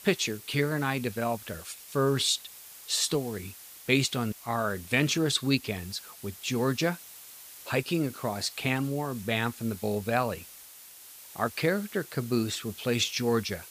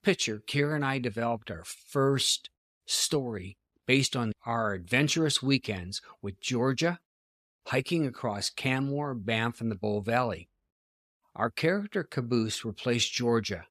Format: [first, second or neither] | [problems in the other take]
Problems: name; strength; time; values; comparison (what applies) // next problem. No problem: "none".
second | hiss; noticeable; throughout; 15 dB below the speech